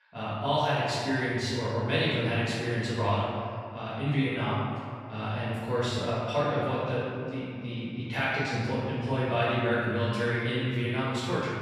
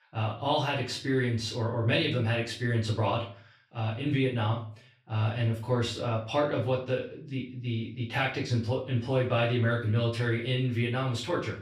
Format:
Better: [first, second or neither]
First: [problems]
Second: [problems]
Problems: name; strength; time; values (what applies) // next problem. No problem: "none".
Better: second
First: room echo; strong; dies away in 2.1 s // off-mic speech; far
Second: room echo; slight; dies away in 0.4 s // off-mic speech; far